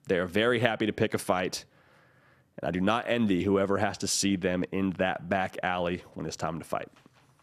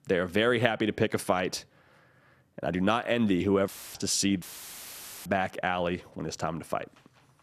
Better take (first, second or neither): first